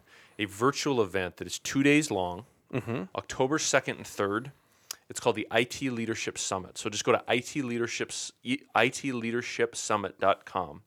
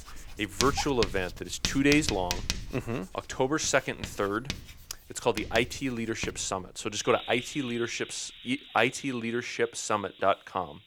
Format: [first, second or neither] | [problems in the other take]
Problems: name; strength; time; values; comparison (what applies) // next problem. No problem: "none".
first | household noises; loud; throughout; 8 dB below the speech